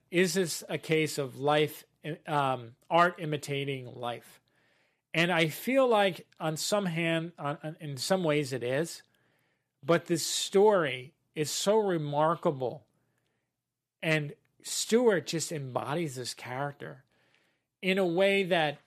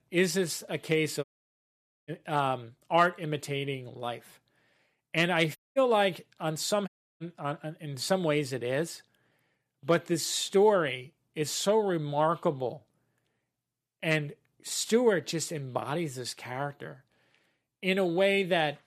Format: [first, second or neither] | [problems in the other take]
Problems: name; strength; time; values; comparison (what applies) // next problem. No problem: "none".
first | audio cutting out; at 1 s for 1 s, at 5.5 s and at 7 s